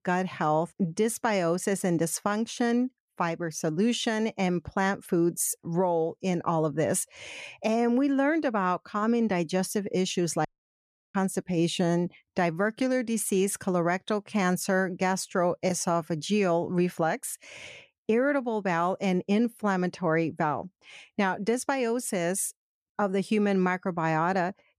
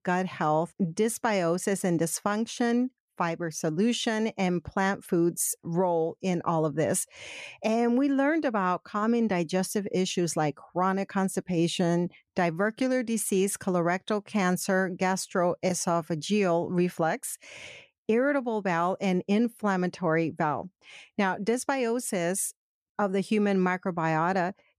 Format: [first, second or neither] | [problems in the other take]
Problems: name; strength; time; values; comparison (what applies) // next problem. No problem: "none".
second | audio cutting out; at 10 s for 0.5 s